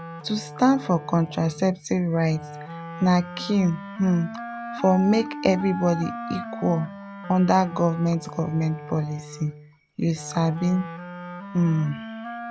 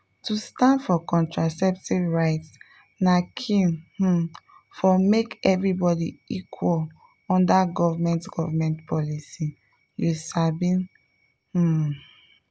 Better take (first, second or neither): second